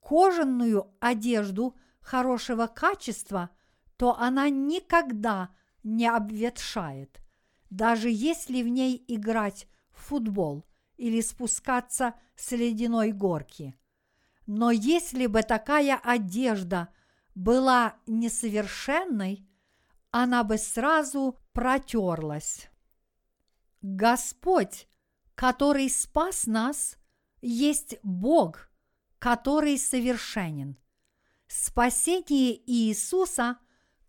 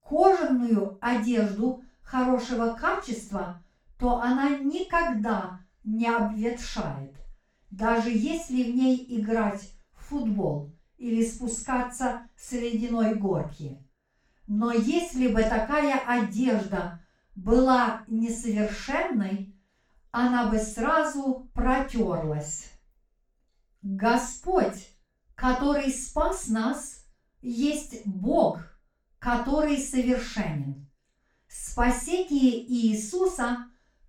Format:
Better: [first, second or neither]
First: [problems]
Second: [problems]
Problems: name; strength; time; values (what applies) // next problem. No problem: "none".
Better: first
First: none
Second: room echo; noticeable; dies away in 0.3 s // off-mic speech; far